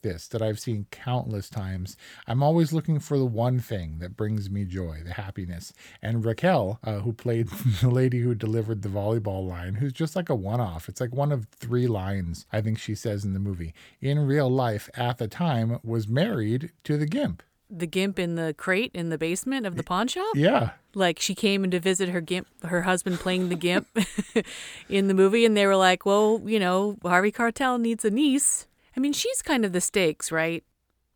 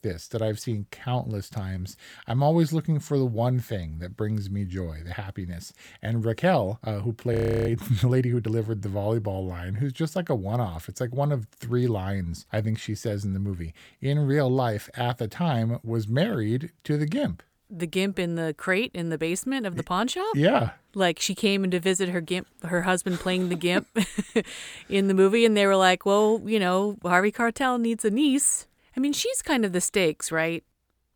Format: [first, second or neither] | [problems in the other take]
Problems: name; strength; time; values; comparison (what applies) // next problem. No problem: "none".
first | audio freezing; at 7.5 s